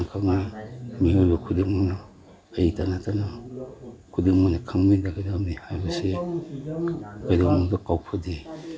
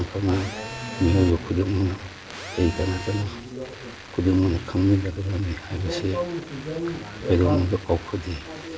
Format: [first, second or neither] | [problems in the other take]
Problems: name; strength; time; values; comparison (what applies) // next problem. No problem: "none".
first | background sound (Telephone); 16 dB below the speech // room echo; dies away in 1 s